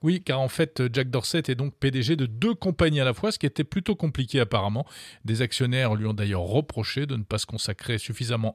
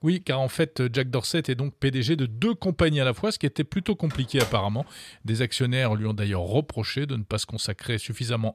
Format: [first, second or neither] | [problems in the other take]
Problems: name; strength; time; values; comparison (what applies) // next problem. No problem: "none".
first | door banging; noticeable; at 4 s; peak 6 dB below the speech